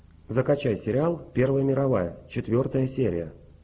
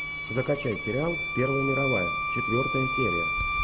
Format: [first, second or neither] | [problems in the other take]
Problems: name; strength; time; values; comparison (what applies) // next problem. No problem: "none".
first | background sound (Bowed string instrument + Clock); as loud as the speech